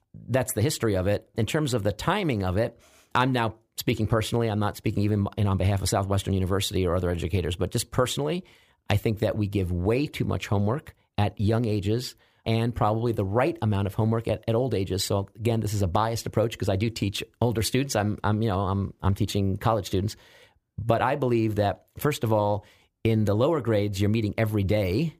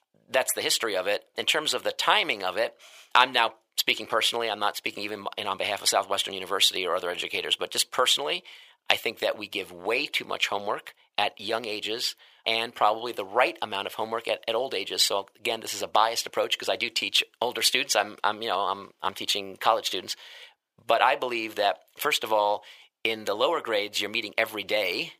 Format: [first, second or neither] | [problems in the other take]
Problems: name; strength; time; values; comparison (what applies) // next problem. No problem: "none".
first | thin; very; fading below 750 Hz